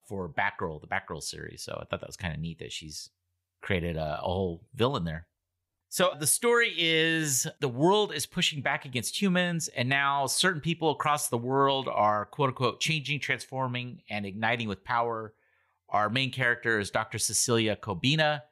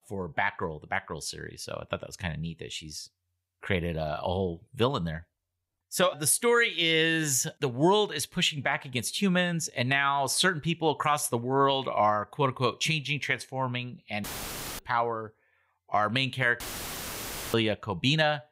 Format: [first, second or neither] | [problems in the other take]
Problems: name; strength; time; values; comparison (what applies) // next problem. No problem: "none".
first | audio cutting out; filled with static; at 14 s for 0.5 s and at 17 s for 1 s